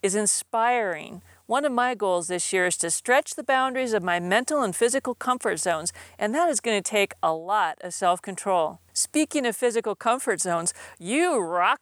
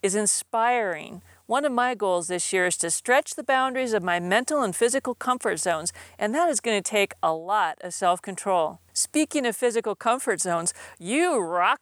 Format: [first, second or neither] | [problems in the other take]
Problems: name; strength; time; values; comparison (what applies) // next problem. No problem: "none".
neither | none